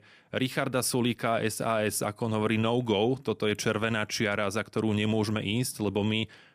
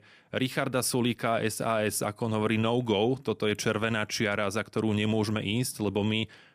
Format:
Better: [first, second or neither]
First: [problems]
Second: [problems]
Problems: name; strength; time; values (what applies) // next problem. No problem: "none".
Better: neither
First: none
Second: none